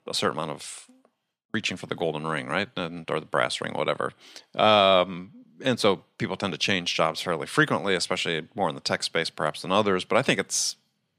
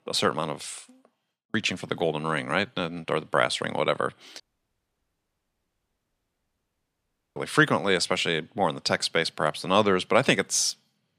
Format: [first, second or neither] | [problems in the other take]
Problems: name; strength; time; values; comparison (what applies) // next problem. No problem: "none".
first | audio cutting out; at 4.5 s for 3 s